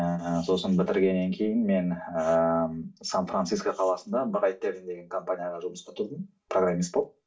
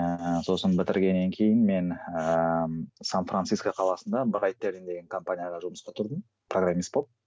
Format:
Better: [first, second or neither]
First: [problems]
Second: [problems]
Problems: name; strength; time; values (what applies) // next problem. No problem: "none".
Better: second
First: room echo; dies away in 0.2 s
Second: none